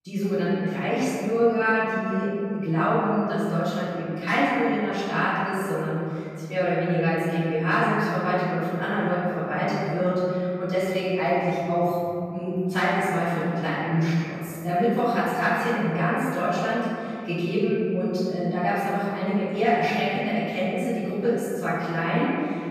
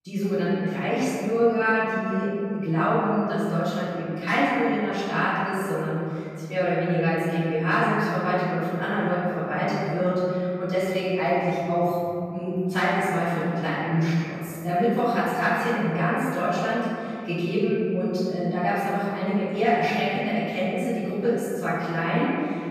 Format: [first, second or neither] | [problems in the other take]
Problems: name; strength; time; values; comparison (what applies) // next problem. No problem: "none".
neither | room echo; strong; dies away in 2.5 s; the same in both // off-mic speech; far; the same in both